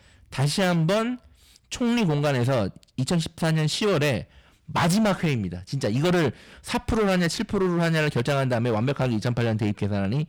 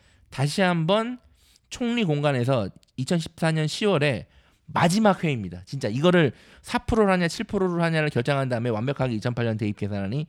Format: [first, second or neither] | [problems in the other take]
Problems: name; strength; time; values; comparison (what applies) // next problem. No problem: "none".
second | distortion; heavy; 15% of the sound clipped